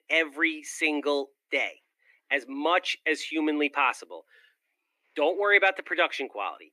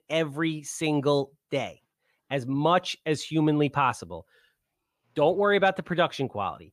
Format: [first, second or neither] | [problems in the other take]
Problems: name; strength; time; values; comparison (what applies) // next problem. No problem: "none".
second | thin; very slightly; fading below 300 Hz